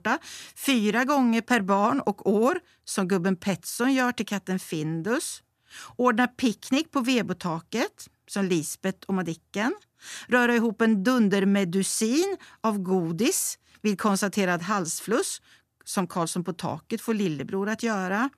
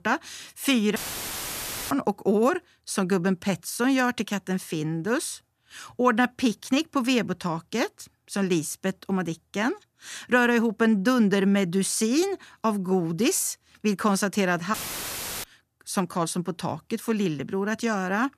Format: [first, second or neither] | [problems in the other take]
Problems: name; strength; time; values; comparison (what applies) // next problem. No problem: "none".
first | audio cutting out; filled with static; at 1 s for 1 s and at 15 s for 0.5 s